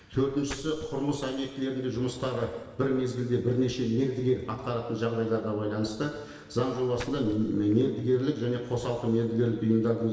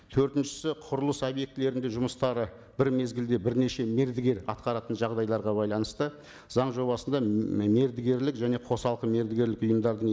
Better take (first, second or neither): second